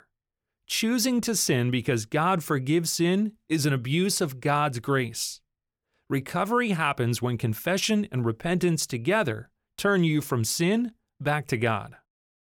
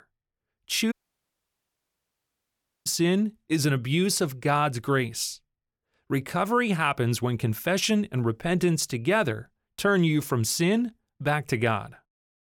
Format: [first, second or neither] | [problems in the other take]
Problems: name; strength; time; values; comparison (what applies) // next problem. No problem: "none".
first | audio cutting out; at 1 s for 2 s